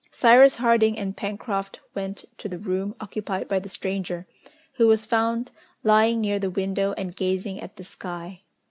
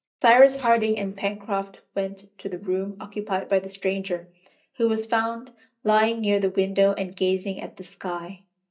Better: first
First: none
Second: noise reduction (neural mask model DeepFilterNet 3)

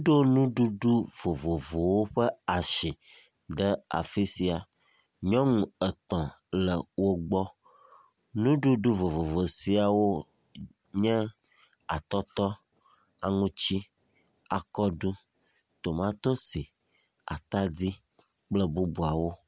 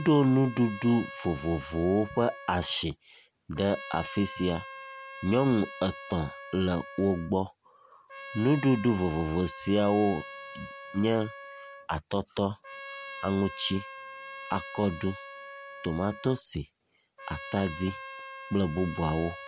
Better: first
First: none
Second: background sound (Trumpet); 14 dB below the speech

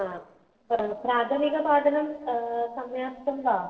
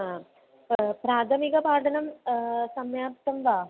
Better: second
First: noise reduction (neural separator model SepFormer DNS4)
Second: none

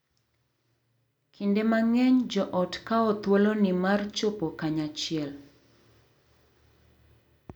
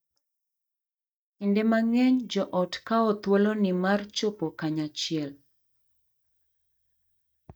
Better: first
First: none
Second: noise reduction (neural mask model DeepFilterNet 3)

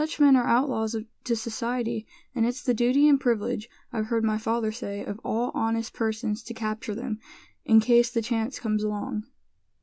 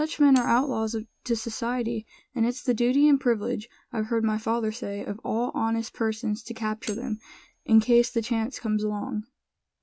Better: first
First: none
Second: noise reduction (neural mask model RNNoise)

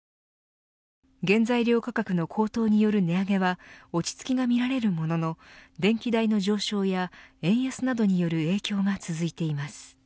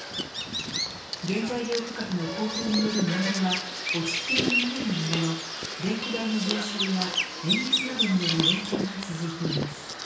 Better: first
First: none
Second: background sound (Bird vocalization, bird call, bird song); as loud as the speech // room echo; dies away in 0.6 s

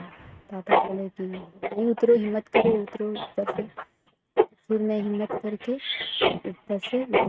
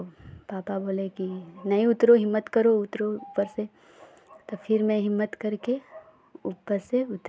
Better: second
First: noise reduction (neural mask model RNNoise)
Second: none

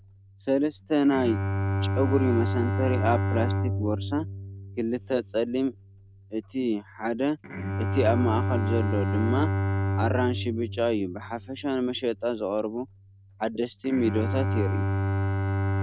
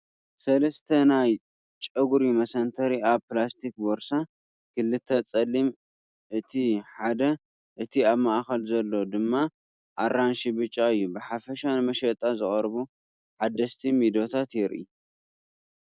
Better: second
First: background sound (Bowed string instrument); 1 dB below the speech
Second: none

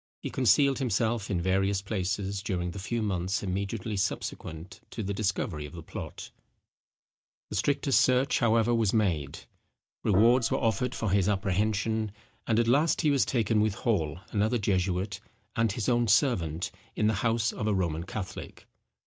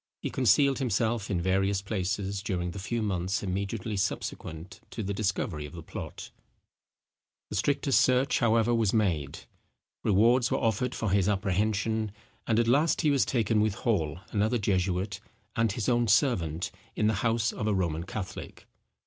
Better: second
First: noise reduction (neural mask model DeepFilterNet 3)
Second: none

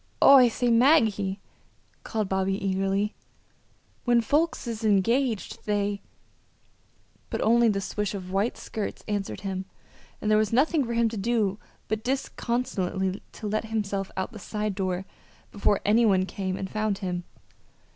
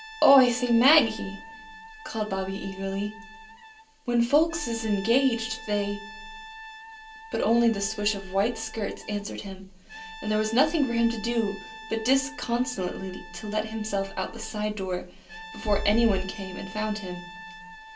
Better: first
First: none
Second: background sound (Brass instrument); 17 dB below the speech // room echo; dies away in 0.3 s

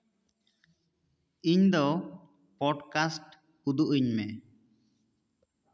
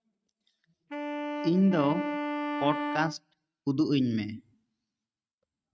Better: first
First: none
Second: noise reduction (neural mask model RNNoise)

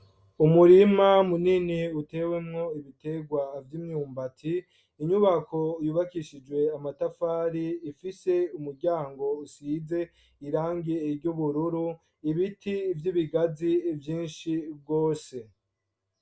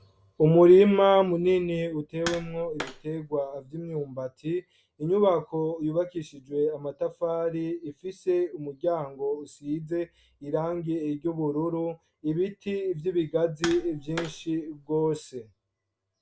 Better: first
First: none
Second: background sound (Tap); 14 dB below the speech

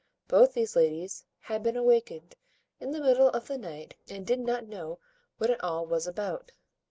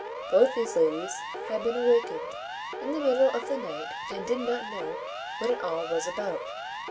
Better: first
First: none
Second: background sound (Siren); 7 dB below the speech // room echo; dies away in 0.3 s

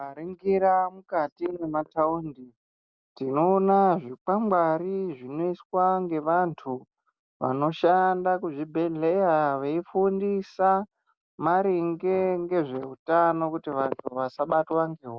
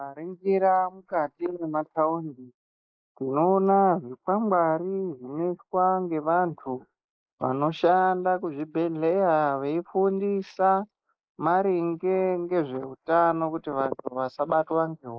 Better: first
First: none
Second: noise reduction (neural mask model Resemble Enhance denoiser)

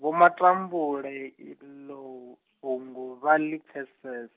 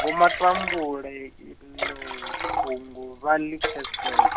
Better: first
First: none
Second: background sound (Liquid); 2 dB below the speech

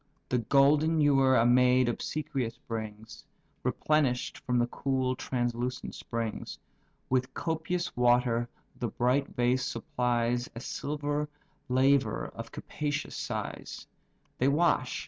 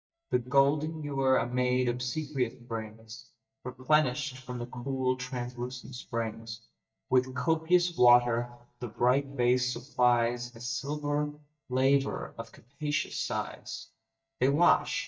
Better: first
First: none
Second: noise reduction (neural mask model DeepFilterNet 3)

